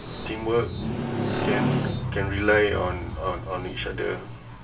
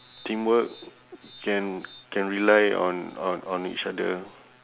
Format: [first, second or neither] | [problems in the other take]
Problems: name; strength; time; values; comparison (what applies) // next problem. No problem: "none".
second | background sound (Motorcycle); 1 dB below the speech // room echo; dies away in 0.2 s